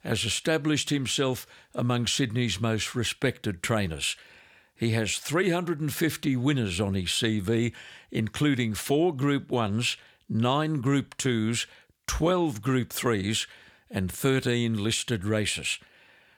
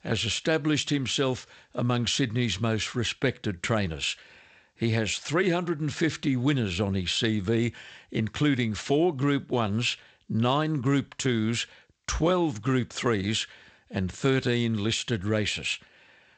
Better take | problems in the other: first | garbled, watery; slightly; nothing above 8 kHz

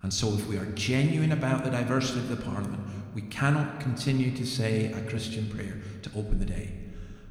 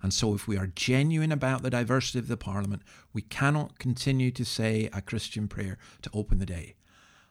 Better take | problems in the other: second | room echo; slight; dies away in 1.6 s

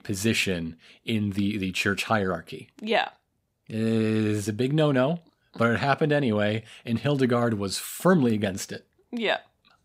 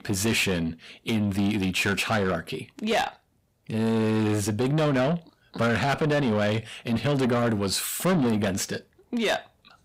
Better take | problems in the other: first | distortion; heavy; 8 dB below the speech

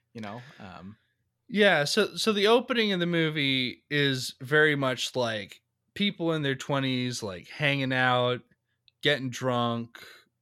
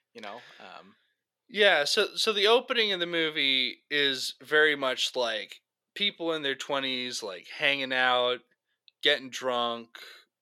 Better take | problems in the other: first | thin; somewhat; fading below 450 Hz

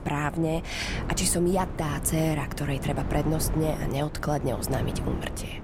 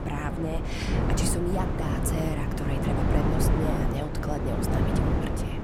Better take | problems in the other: first | wind noise on the microphone; heavy; 2 dB above the speech; occasional gusts in the first

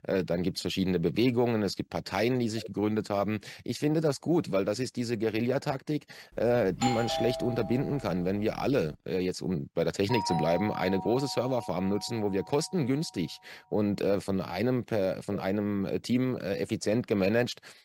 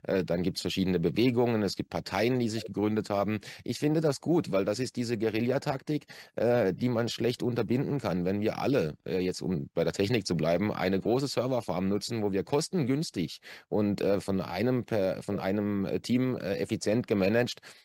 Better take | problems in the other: second | doorbell; noticeable; from 7 to 8 s and from 10 to 12 s; peak 2 dB below the speech

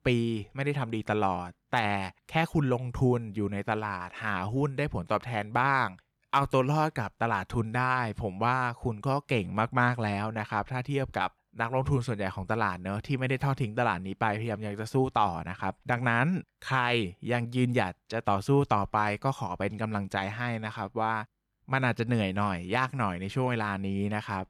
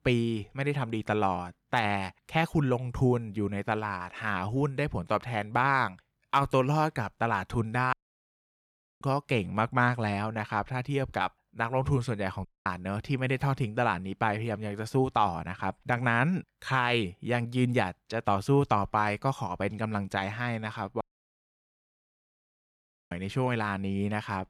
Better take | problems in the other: first | audio cutting out; at 8 s for 1 s, at 12 s and at 21 s for 2 s

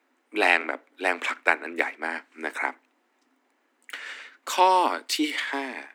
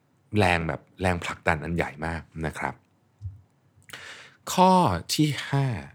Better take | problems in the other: second | thin; somewhat; fading below 250 Hz

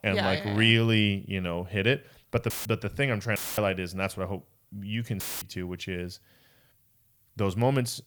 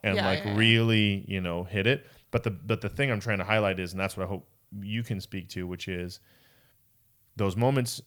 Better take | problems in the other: second | audio cutting out; filled with static; at 2.5 s, at 3.5 s and at 5 s

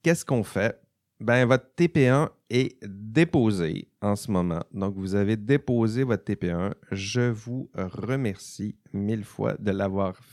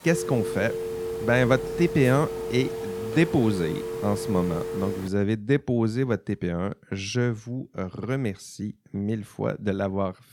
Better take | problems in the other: first | phone ringing; noticeable; until 5 s; peak 4 dB below the speech

